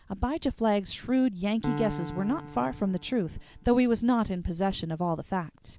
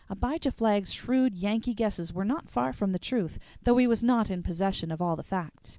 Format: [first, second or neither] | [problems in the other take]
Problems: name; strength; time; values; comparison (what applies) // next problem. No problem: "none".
second | background sound (Piano); 12 dB below the speech